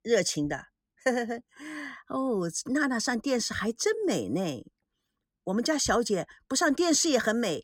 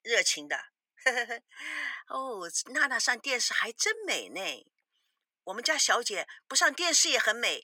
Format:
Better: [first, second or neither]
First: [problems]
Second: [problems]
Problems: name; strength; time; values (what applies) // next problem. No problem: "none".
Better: first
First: none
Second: thin; very; fading below 800 Hz